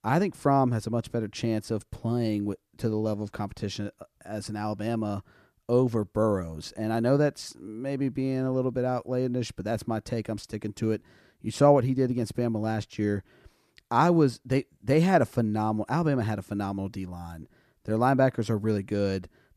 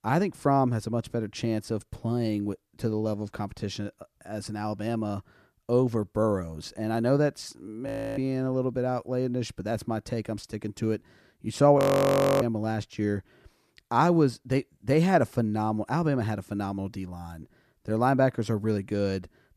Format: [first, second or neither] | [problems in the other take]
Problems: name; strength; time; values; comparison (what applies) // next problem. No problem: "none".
first | audio freezing; at 8 s and at 12 s for 0.5 s